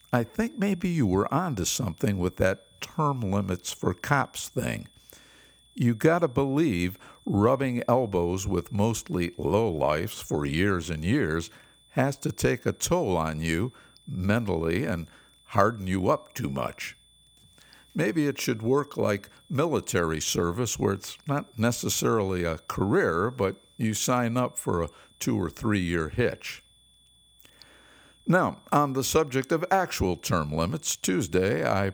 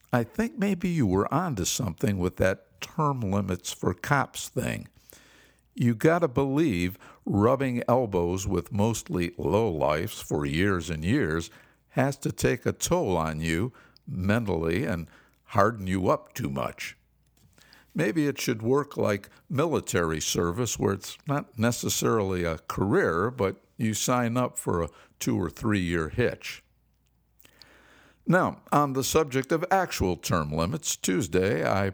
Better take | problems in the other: second | high-pitched whine; faint; throughout; 3.5 kHz, 30 dB below the speech

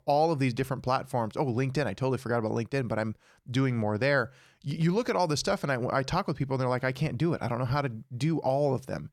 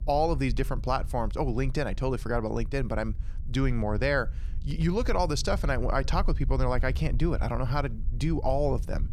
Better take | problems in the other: first | low rumble; faint; throughout; 25 dB below the speech

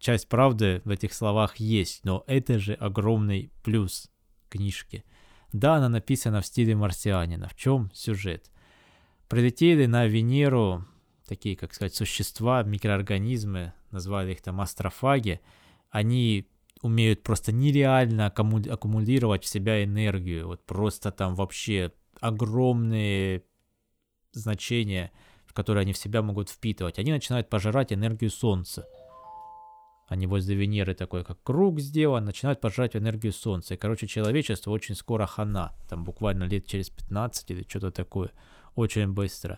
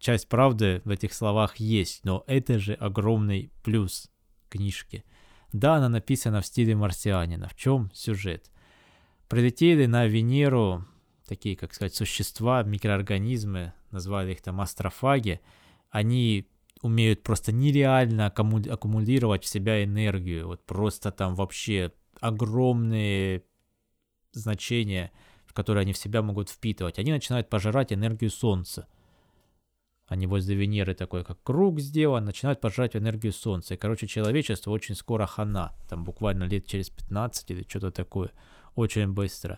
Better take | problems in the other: second | phone ringing; faint; from 29 to 30 s; peak 20 dB below the speech

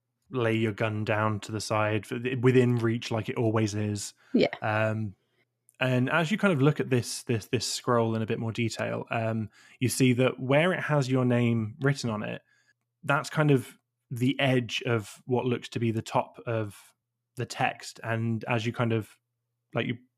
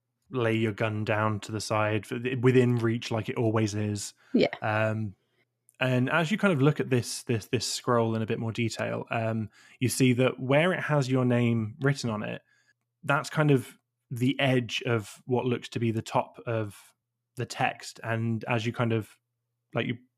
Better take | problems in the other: neither | none

